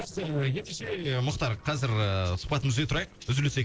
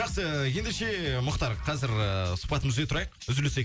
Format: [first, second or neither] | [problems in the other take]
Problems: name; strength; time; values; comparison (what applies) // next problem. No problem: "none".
second | noise reduction (neural separator model SepFormer DNS4)